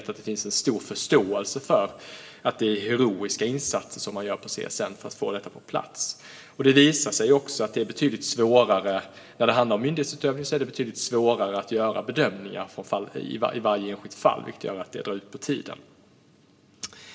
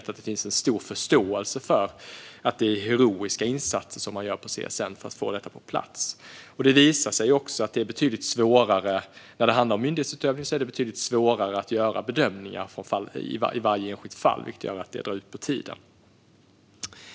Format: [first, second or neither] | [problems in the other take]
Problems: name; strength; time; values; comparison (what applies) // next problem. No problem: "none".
second | room echo; dies away in 1.2 s